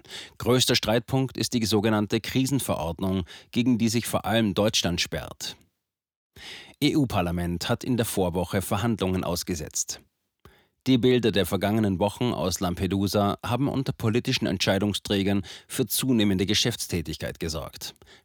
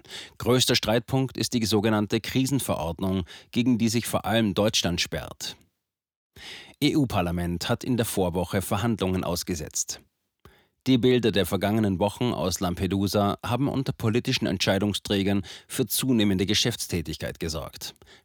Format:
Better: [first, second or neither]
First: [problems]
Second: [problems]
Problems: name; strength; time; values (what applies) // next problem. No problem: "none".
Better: neither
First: none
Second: none